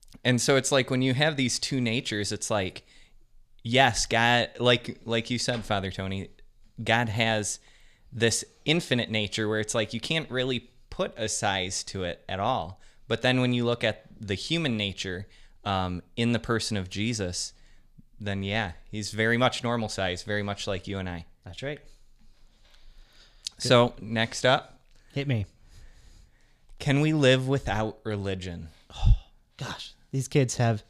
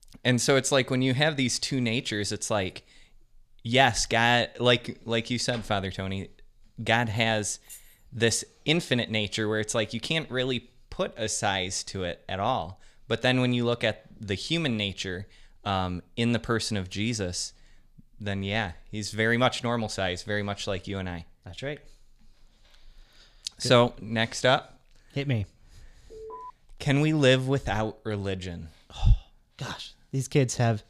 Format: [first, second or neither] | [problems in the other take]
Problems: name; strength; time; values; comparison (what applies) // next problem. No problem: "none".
first | jangling keys; faint; at 7.5 s; peak 20 dB below the speech // alarm; faint; at 26 s; peak 15 dB below the speech